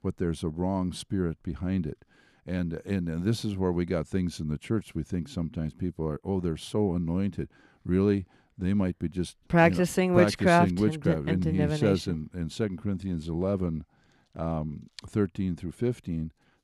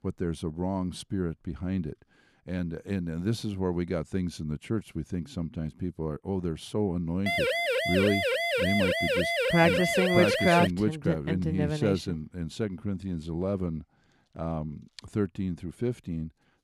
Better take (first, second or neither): first